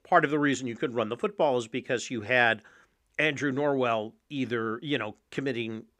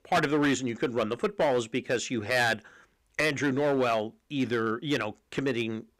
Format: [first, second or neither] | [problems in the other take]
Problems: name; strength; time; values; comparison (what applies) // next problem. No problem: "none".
first | distortion; heavy; 6% of the sound clipped